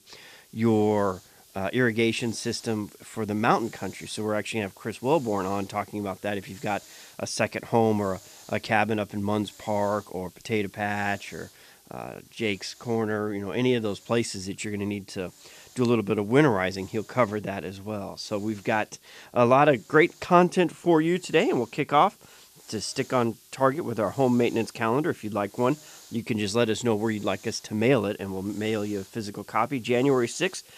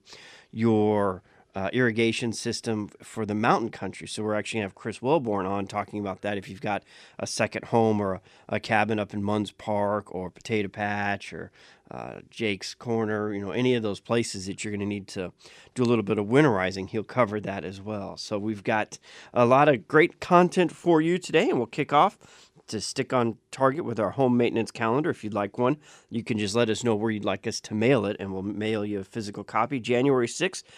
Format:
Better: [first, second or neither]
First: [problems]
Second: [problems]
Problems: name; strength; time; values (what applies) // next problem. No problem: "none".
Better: second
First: hiss; faint; throughout; 25 dB below the speech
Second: none